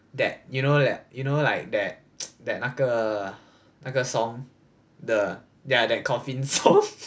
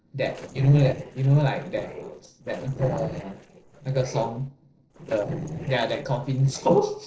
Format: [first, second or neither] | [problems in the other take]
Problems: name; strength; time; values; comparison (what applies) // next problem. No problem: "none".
first | noise reduction (neural separator model SepFormer DNS4)